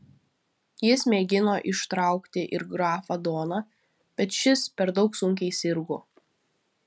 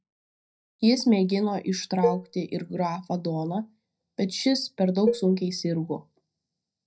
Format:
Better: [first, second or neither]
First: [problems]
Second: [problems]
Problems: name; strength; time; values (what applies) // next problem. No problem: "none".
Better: first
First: none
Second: noise reduction (neural mask model DeepFilterNet 3)